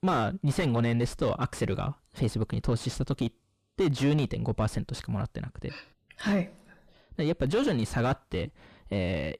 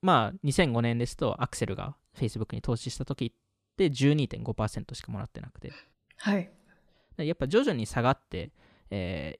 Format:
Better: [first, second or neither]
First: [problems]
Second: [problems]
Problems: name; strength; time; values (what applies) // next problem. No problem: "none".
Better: second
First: distortion; heavy; 6 dB below the speech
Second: none